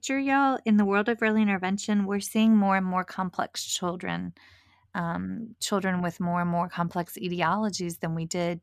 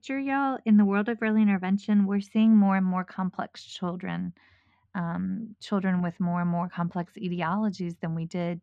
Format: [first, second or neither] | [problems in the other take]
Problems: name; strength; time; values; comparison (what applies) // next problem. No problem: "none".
first | muffled; slightly; fading above 3 kHz